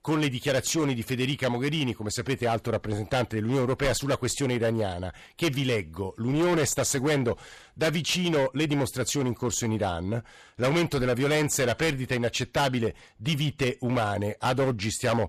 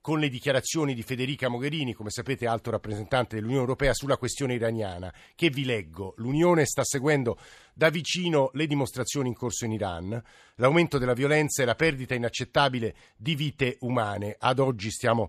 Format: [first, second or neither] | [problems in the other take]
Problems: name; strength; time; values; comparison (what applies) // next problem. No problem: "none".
second | distortion; heavy; 15% of the sound clipped